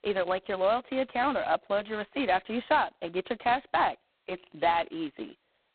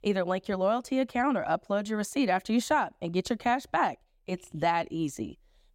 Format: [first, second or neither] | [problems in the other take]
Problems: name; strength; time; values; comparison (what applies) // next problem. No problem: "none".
second | phone-call audio; poor line; nothing above 4 kHz